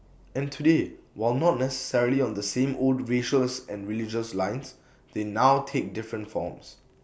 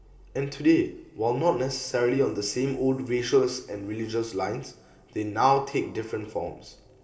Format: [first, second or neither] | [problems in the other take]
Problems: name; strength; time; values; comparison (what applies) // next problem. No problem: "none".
first | room echo; dies away in 2.6 s